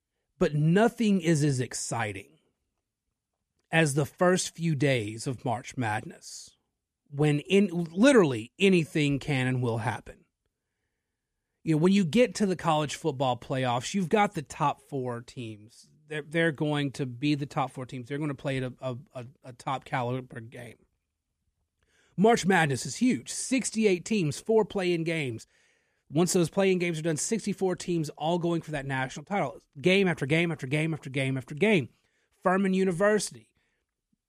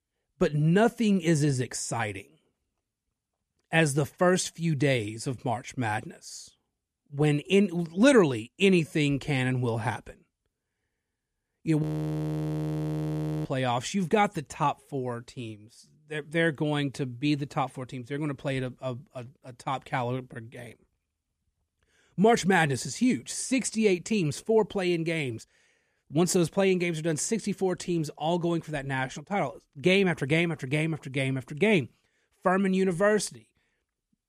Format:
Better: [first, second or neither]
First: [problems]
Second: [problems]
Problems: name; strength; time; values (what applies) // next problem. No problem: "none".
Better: first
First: none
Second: audio freezing; at 12 s for 1.5 s